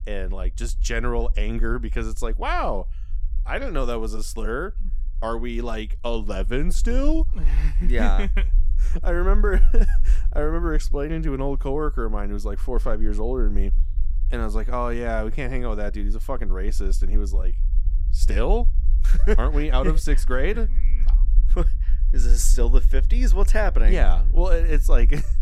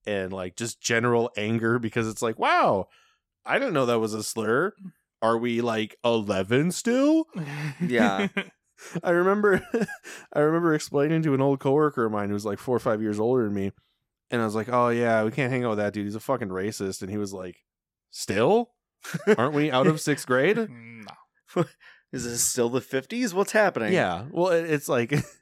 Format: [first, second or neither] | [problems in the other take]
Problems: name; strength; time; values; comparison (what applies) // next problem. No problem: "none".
second | low rumble; faint; throughout; 20 dB below the speech